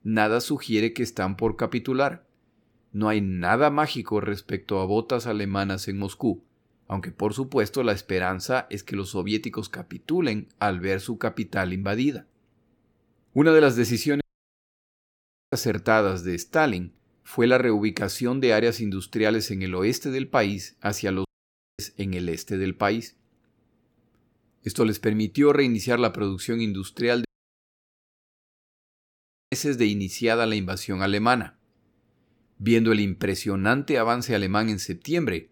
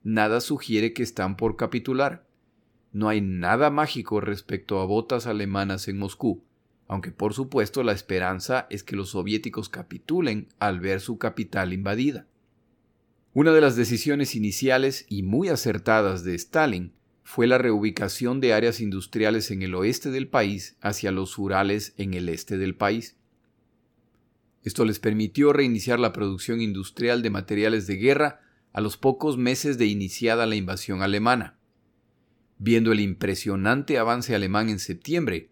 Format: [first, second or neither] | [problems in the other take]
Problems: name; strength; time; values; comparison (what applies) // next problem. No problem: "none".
second | audio cutting out; at 14 s for 1.5 s, at 21 s for 0.5 s and at 27 s for 2.5 s